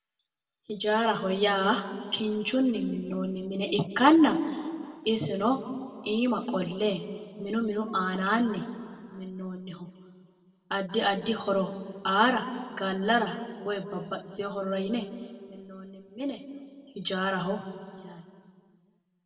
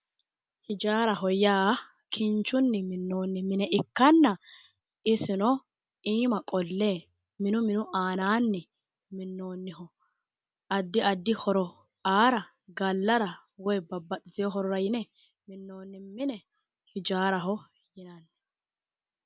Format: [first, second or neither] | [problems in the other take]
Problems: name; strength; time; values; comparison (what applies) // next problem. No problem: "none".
second | room echo; dies away in 1.7 s